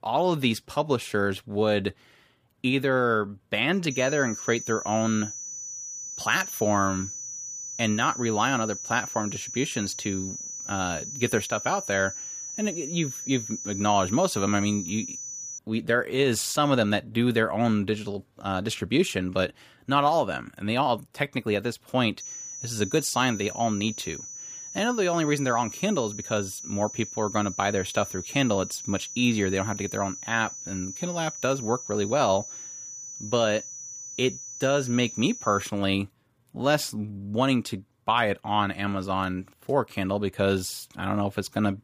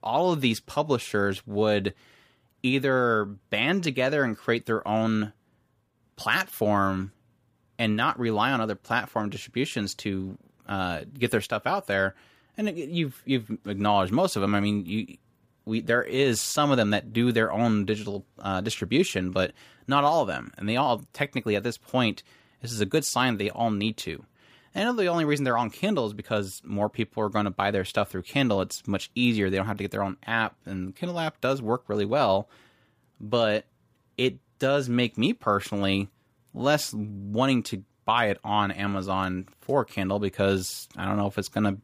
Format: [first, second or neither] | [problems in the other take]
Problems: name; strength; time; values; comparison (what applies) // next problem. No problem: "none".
second | high-pitched whine; loud; from 4 to 16 s and from 22 to 36 s; 6 kHz, 9 dB below the speech